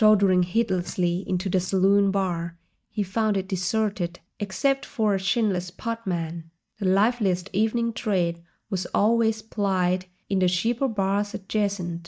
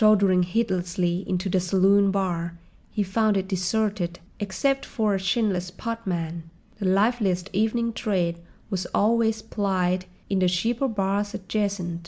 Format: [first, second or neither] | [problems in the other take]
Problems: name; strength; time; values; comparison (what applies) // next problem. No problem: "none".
second | noise reduction (neural mask model DeepFilterNet 3)